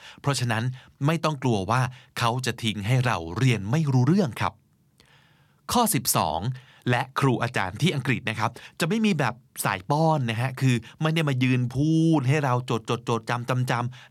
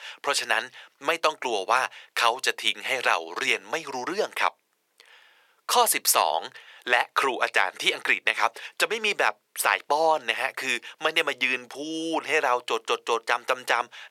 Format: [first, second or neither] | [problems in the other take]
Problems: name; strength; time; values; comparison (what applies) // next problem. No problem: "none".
first | thin; very; fading below 450 Hz